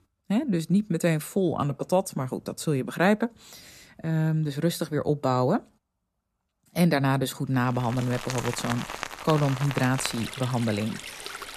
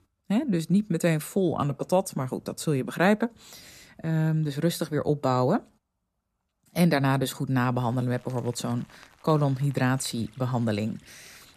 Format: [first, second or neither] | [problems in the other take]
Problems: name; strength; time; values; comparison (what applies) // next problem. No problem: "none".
second | rain or running water; loud; from 8 s on; 9 dB below the speech; faint in the second